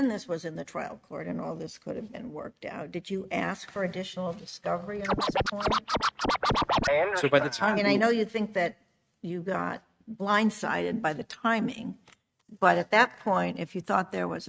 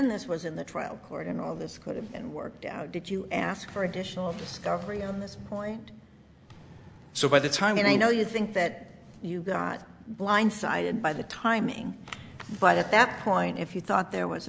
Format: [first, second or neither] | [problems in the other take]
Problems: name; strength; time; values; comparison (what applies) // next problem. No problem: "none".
second | noise reduction (neural mask model RNNoise)